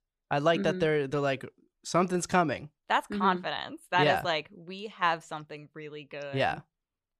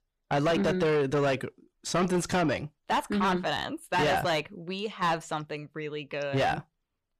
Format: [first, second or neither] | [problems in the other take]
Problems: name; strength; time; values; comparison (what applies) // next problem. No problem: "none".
first | distortion; heavy; 6 dB below the speech